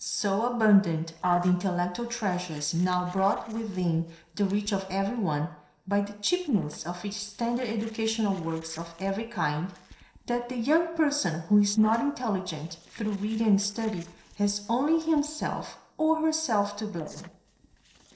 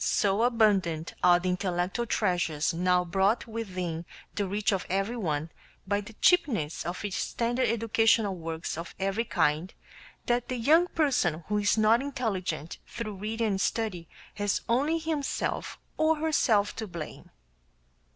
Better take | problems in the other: second | noise reduction (neural separator model SepFormer DNS4)

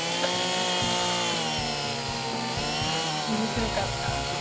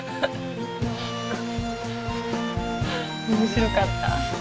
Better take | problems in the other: second | background sound (Sawing / Engine); 5 dB above the speech

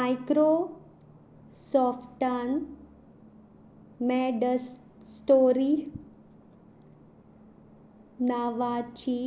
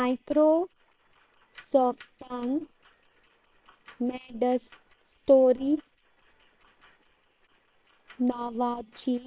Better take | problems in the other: first | noise reduction (neural separator model SepFormer WHAM!)

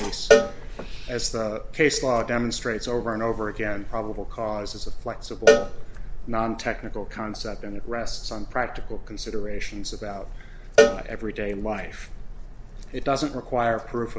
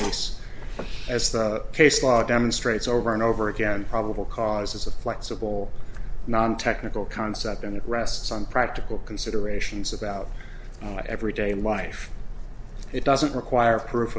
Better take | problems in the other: second | background sound (Cowbell); 1 dB above the speech

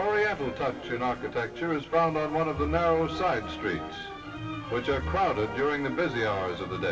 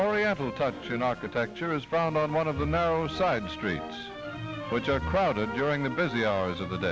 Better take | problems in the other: second | room echo; dies away in 2.6 s

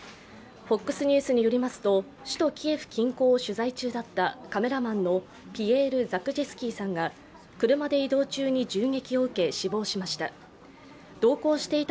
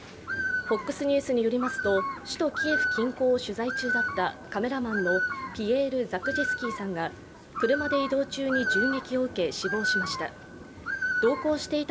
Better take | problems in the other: first | background sound (Bird); 4 dB below the speech

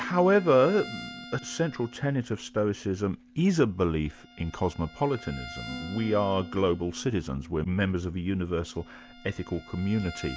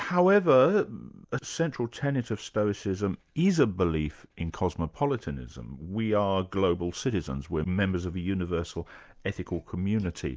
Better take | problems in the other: second | background sound (Bass guitar + Bowed string instrument); 17 dB below the speech

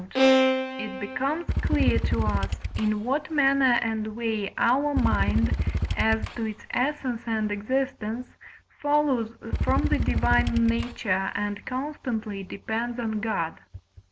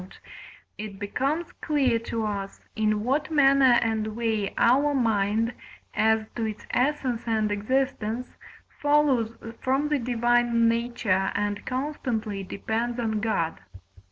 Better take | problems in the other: second | background sound (Bowed string instrument + Motorcycle / Engine); 1 dB above the speech

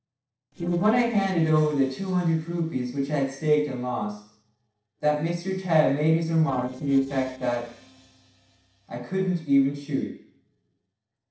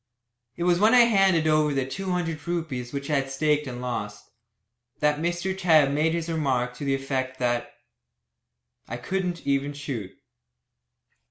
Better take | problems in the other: second | noise reduction (neural separator model SepFormer DNS4)

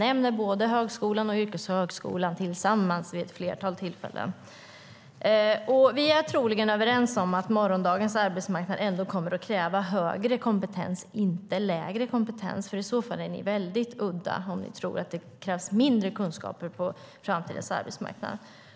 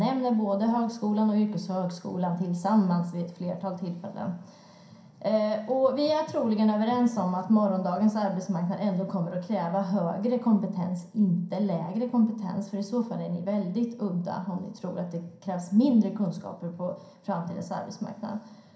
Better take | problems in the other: first | room echo; dies away in 0.5 s

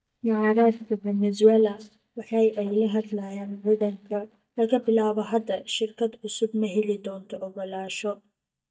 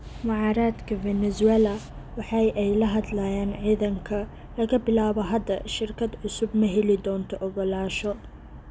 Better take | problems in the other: second | noise reduction (neural mask model DeepFilterNet 3)

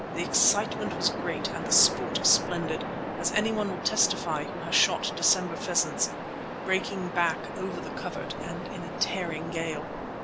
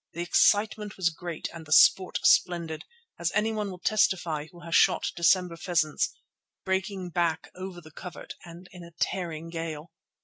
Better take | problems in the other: second | background sound (Waves, surf); 4 dB below the speech

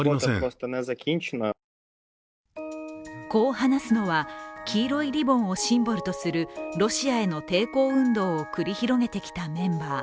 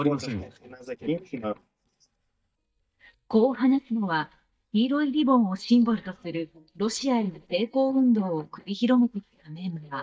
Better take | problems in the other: first | noise reduction (neural mask model DeepFilterNet 3)

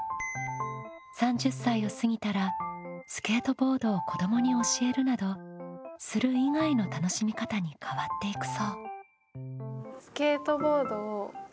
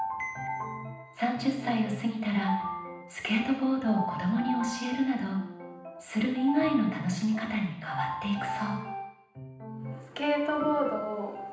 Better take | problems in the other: first | room echo; dies away in 0.9 s

